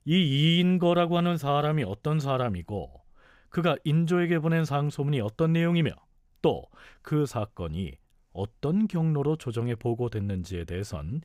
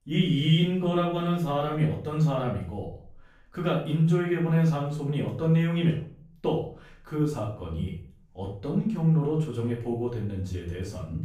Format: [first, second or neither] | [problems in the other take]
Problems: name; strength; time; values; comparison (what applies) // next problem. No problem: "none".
first | room echo; noticeable; dies away in 0.4 s // off-mic speech; far